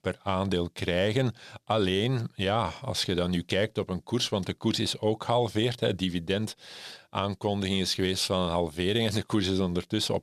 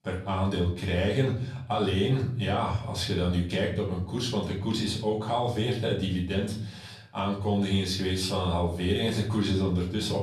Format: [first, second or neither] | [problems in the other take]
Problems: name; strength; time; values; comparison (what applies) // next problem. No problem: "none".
first | off-mic speech; far // room echo; slight; dies away in 0.9 s